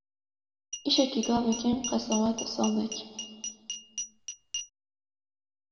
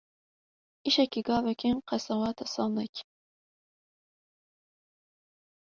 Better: second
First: background sound (Glass); 8 dB below the speech // room echo; dies away in 1.9 s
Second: none

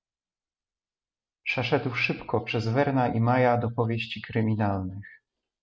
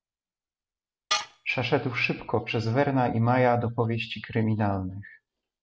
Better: first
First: none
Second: background sound (Tools); 11 dB below the speech

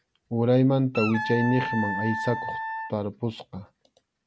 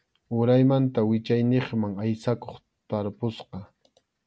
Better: second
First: background sound (Wind instrument, woodwind instrument); 5 dB below the speech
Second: none

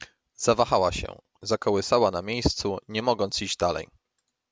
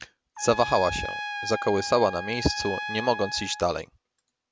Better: first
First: none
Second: background sound (Trumpet); 8 dB below the speech

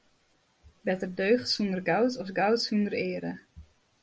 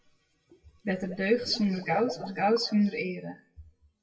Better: first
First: none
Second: noise reduction (classical method WPE with log-MMSE)

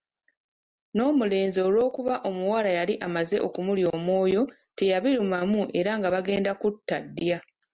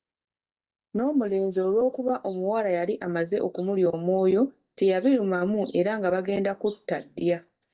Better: first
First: none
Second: noise reduction (neural mask model DeepFilterNet 3)

